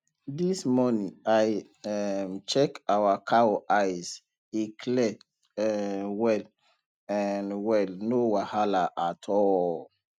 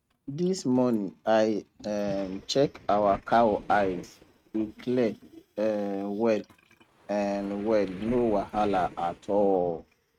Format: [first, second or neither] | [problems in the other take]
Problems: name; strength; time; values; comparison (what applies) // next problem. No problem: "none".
first | noise reduction (neural mask model RNNoise)